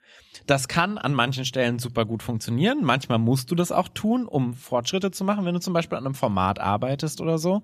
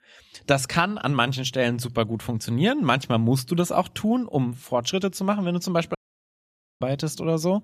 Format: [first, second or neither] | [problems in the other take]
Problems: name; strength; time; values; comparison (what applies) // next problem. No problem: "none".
first | audio cutting out; at 6 s for 1 s